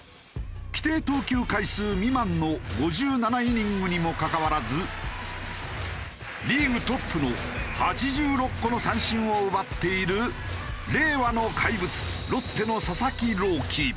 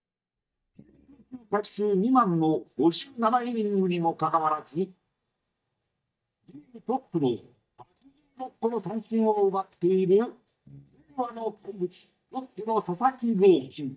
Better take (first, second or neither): first